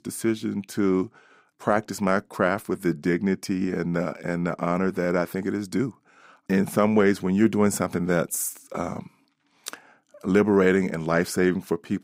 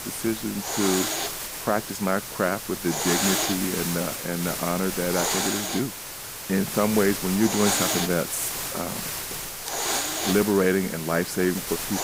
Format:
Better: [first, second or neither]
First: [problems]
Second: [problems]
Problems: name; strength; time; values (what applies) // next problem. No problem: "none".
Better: first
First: none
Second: hiss; loud; throughout; 1 dB below the speech